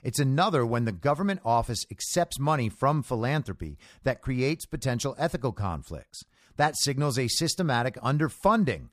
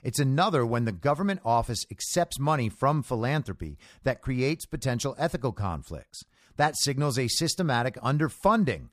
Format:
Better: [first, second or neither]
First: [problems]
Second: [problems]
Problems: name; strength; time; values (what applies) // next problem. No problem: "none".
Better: neither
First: none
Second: none